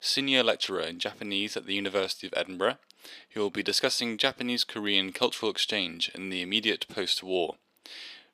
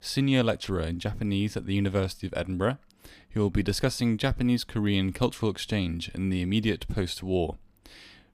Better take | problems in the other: second | thin; somewhat; fading below 400 Hz

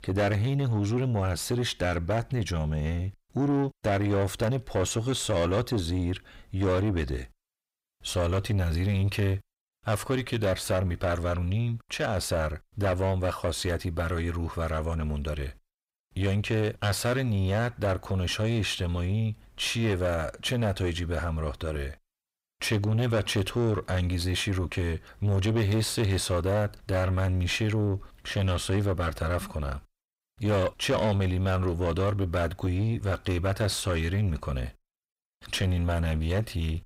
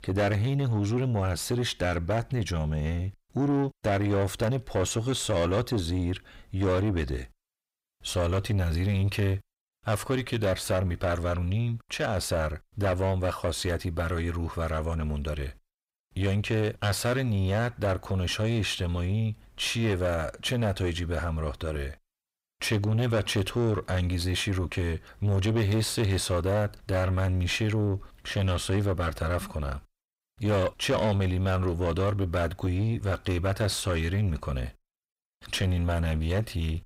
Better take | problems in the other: neither | distortion; slight; 10 dB below the speech; the same in both

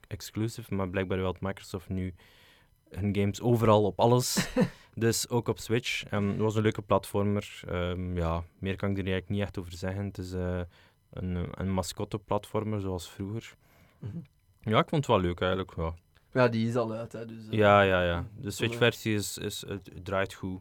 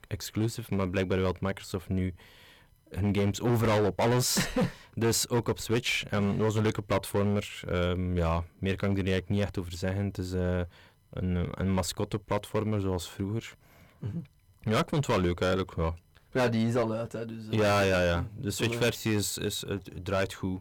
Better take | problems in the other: first | distortion; heavy; 10% of the sound clipped

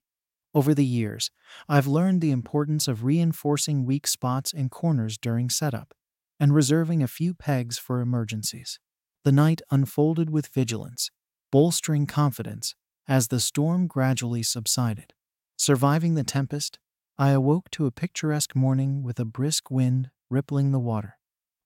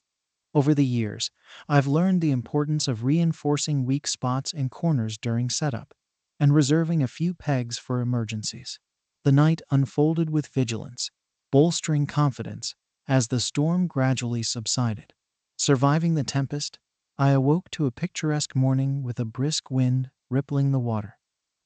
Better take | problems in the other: first | garbled, watery; slightly; nothing above 8 kHz

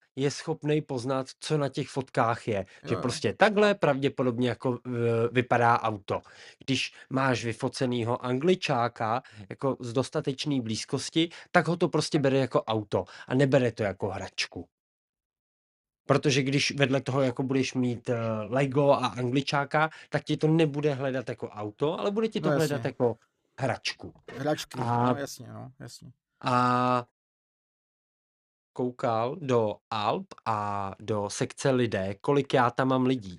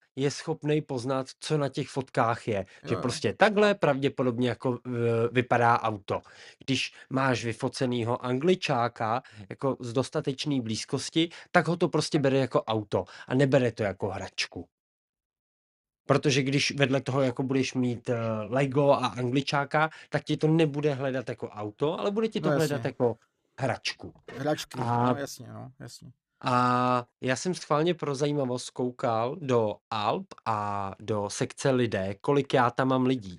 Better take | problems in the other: second | audio cutting out; at 27 s for 1.5 s

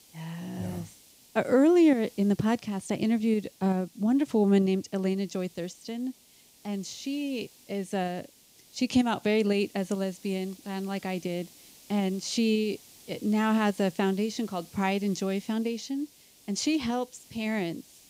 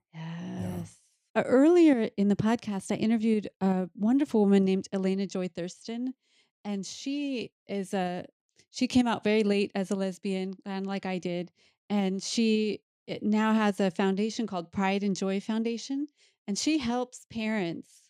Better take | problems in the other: second | hiss; faint; throughout; 25 dB below the speech

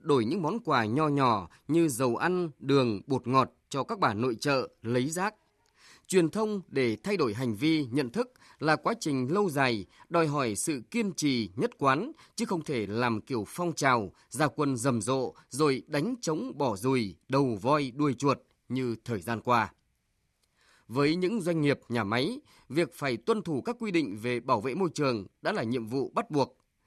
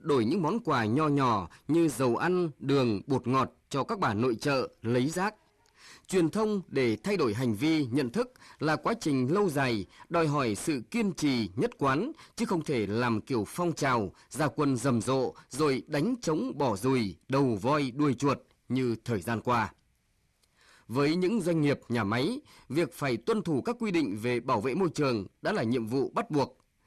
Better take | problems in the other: first | distortion; slight; 10 dB below the speech

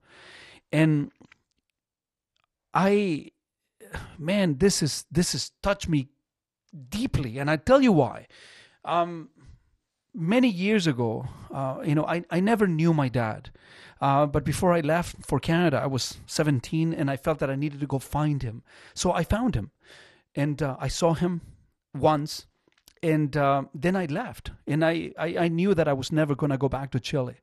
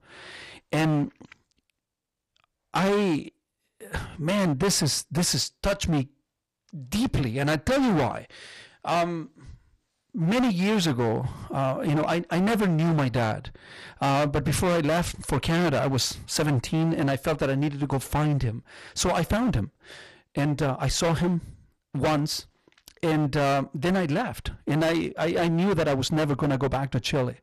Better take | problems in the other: first | distortion; heavy; 19% of the sound clipped

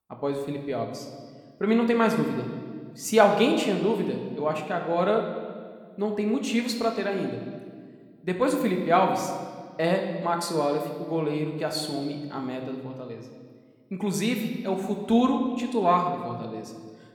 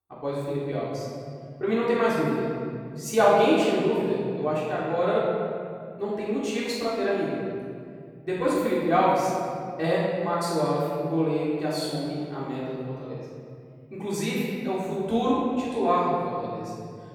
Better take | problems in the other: first | room echo; strong; dies away in 2.6 s; slight in the first // off-mic speech; far

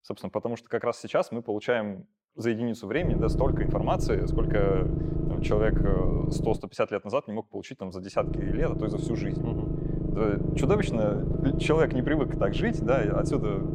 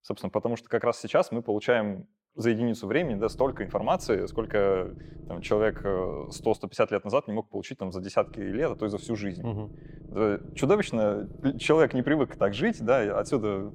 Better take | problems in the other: second | low rumble; loud; from 3 to 6.5 s and from 8 s on; 6 dB below the speech; faint in the second

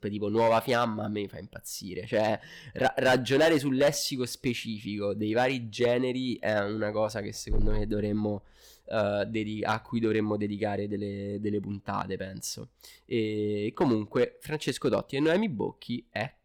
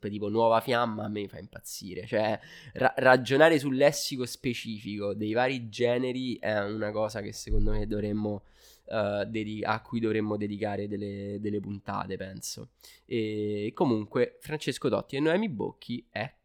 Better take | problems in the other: second | distortion; slight; 2% of the sound clipped

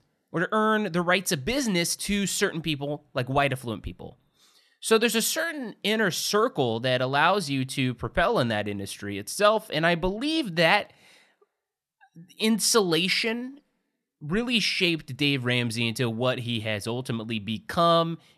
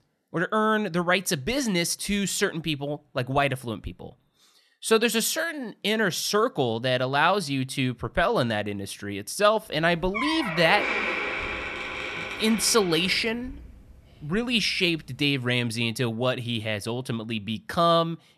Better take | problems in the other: first | door banging; noticeable; from 10 to 14 s; peak level with the speech

